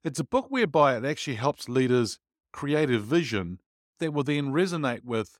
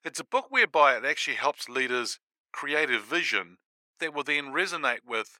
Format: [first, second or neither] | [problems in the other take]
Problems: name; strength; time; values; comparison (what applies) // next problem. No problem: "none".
first | thin; very; fading below 600 Hz